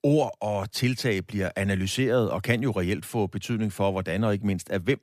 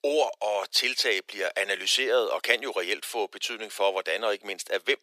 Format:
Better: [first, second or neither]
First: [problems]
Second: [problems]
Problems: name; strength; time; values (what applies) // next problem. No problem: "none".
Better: first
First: none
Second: thin; very; fading below 400 Hz